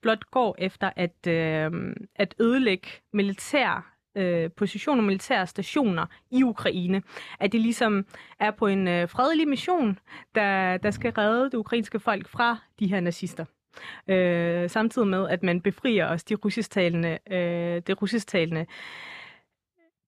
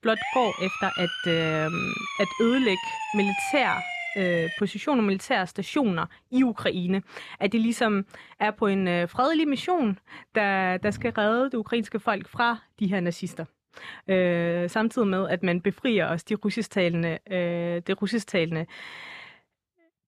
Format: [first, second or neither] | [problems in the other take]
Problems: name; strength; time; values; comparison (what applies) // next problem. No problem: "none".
first | siren; noticeable; until 4.5 s; peak 2 dB below the speech